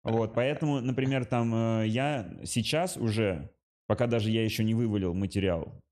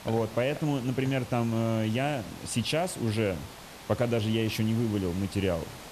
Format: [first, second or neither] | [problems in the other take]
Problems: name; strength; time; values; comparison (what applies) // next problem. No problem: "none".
first | hiss; noticeable; throughout; 15 dB below the speech